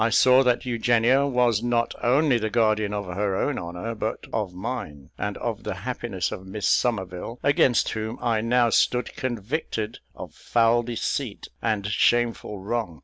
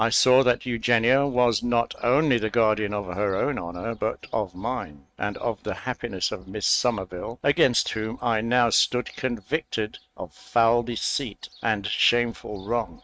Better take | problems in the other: first | noise reduction (neural mask model RNNoise)

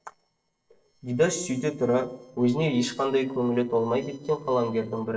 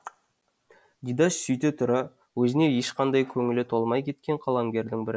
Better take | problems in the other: second | noise reduction (neural separator model SepFormer DNS4)

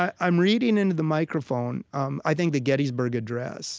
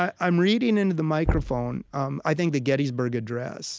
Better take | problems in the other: first | background sound (Knock); 8 dB below the speech

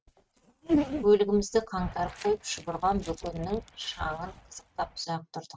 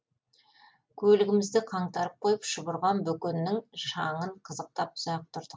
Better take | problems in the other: second | noise reduction (neural mask model RNNoise)

